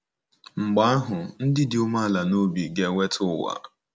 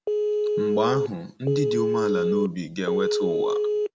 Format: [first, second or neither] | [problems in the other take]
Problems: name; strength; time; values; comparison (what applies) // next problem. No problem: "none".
first | background sound (Telephone); 5 dB above the speech